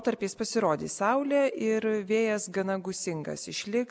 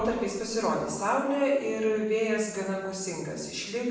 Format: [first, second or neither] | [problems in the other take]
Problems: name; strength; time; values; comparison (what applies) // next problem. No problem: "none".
first | room echo; dies away in 0.9 s